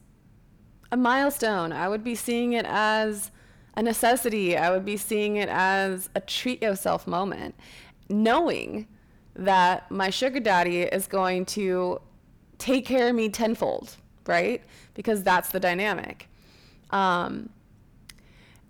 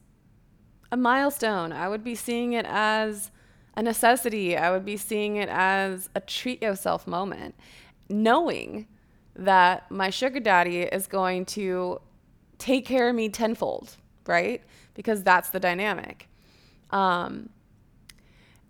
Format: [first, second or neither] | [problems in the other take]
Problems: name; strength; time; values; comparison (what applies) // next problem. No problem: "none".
second | distortion; slight; 10 dB below the speech